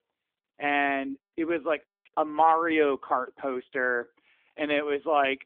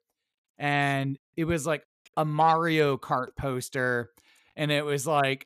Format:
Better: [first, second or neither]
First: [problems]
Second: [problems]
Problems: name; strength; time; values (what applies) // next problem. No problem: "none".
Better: second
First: phone-call audio; nothing above 3.5 kHz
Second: none